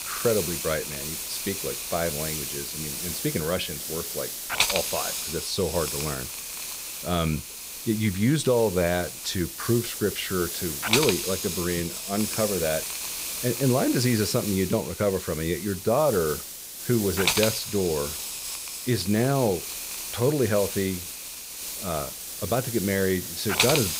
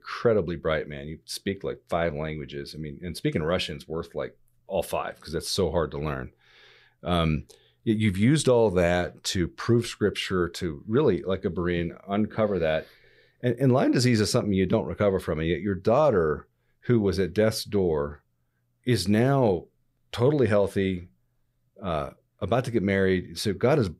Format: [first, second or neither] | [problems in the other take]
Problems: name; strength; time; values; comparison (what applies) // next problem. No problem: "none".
second | hiss; loud; throughout; 3 dB below the speech